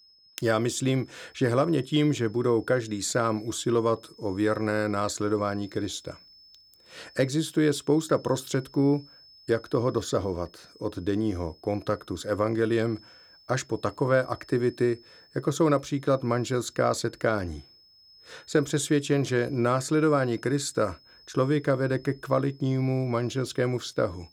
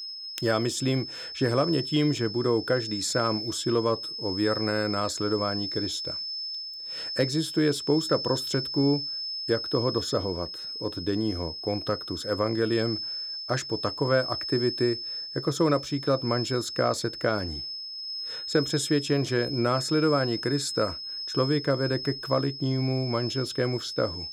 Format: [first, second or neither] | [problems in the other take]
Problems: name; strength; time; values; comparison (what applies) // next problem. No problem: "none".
first | high-pitched whine; loud; throughout; 5 kHz, 5 dB below the speech; faint in the first